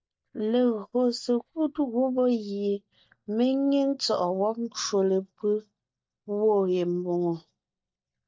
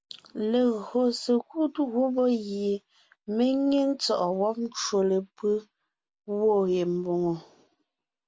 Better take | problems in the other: second | noise reduction (neural mask model DeepFilterNet 3)

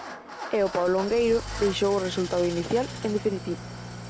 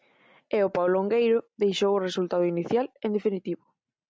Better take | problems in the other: second | background sound (Idling / Engine starting); 11 dB below the speech

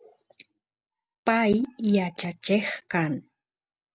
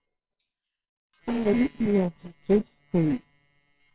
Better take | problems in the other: first | noise reduction (neural separator model SepFormer WHAMR!)

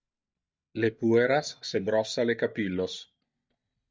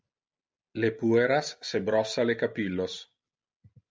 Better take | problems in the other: second | noise reduction (neural mask model DeepFilterNet 3)

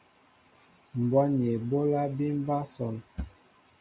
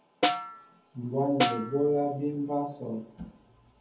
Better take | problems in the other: first | background sound (Snare drum); 1 dB below the speech // room echo; dies away in 0.7 s

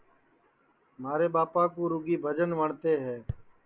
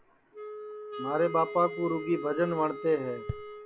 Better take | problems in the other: first | background sound (Wind instrument, woodwind instrument); 10 dB below the speech

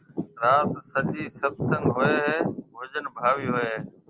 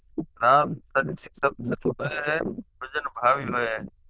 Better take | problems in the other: first | noise reduction (neural diffusion model UNIVERSE++)

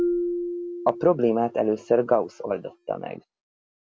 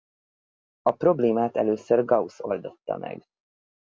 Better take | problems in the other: second | background sound (Marimba, xylophone); 7 dB below the speech

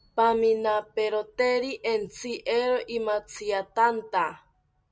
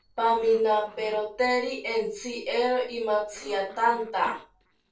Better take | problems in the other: first | noise reduction (neural separator model SepFormer DNS4)

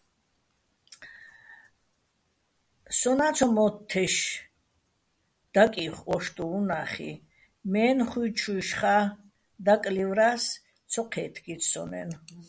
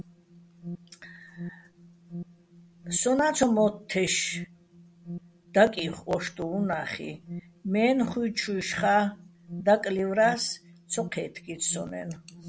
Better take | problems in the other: first | background sound (Alarm); 15 dB below the speech

